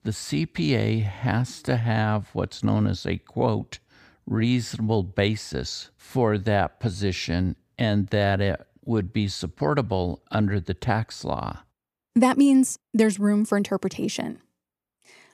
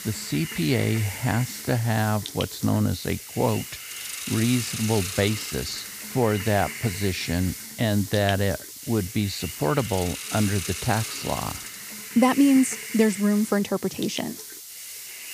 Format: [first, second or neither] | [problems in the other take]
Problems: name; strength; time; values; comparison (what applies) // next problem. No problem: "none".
first | hiss; loud; throughout; 8 dB below the speech